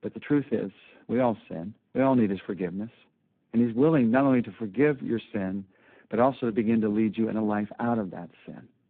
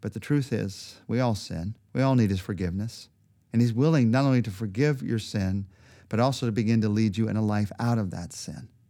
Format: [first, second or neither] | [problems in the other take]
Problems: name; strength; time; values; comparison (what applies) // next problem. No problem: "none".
second | phone-call audio; poor line; nothing above 3.5 kHz